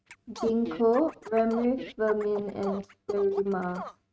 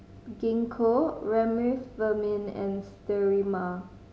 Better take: second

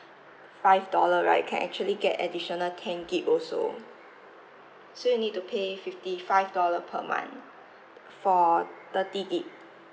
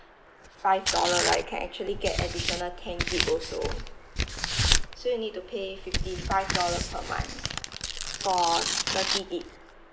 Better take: first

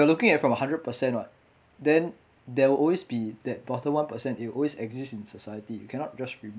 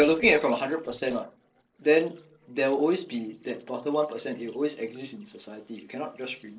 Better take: first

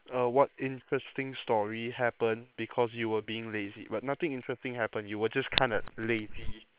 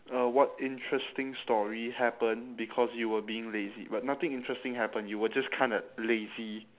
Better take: second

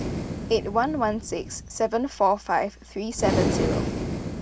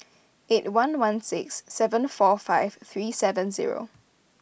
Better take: second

